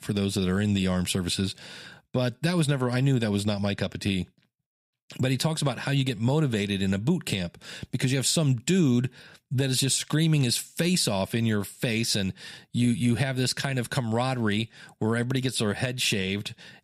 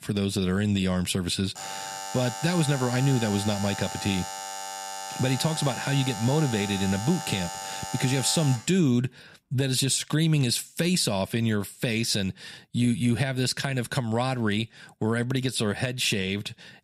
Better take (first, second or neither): first